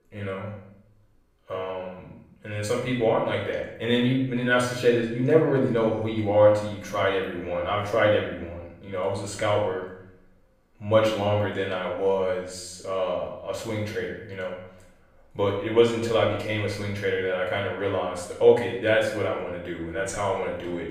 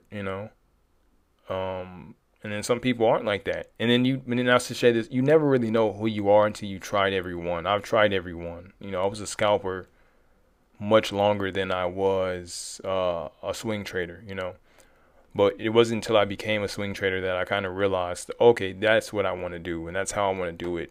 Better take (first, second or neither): second